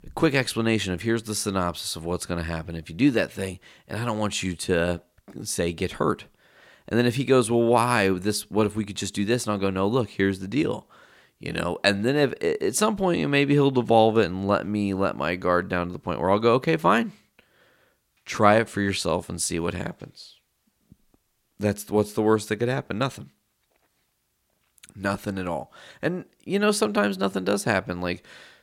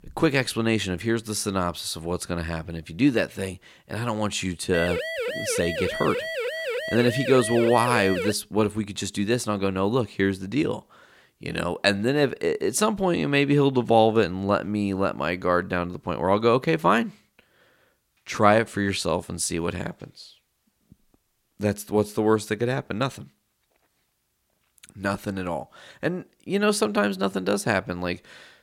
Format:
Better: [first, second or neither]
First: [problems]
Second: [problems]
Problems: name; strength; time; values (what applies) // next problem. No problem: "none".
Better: first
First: none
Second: siren; noticeable; from 4.5 to 8.5 s; peak 4 dB below the speech